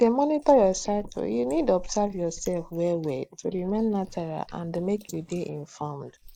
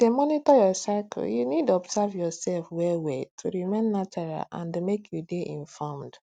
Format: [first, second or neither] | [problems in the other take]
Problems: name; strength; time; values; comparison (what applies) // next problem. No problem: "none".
second | noise reduction (neural mask model Resemble Enhance denoiser)